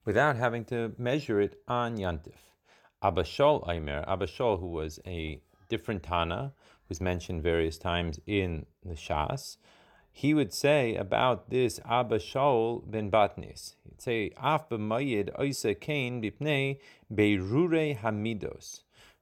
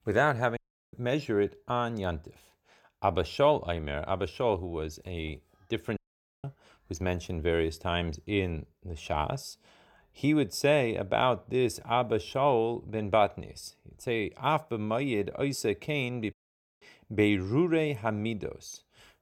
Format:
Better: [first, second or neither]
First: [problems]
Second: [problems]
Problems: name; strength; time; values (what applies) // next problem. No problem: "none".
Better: first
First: none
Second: audio cutting out; at 0.5 s, at 6 s and at 16 s